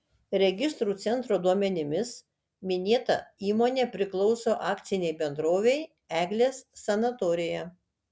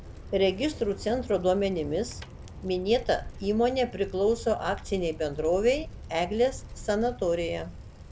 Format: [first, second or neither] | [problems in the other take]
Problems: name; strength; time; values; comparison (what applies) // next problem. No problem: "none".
first | background sound (Bicycle + Aircraft); 13 dB below the speech